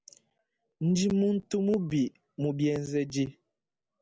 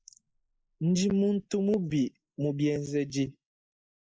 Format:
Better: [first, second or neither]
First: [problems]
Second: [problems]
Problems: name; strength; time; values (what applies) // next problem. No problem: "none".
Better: first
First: none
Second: noise reduction (neural mask model Resemble Enhance denoiser)